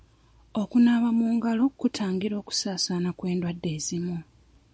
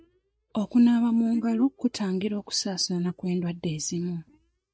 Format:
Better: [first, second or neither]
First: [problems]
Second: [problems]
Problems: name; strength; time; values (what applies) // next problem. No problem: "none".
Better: first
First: none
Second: noise reduction (neural mask model DeepFilterNet 3)